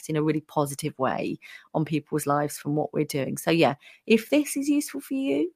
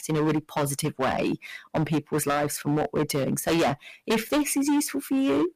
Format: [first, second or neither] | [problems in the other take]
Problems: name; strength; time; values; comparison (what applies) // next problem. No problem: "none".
first | distortion; heavy; 16% of the sound clipped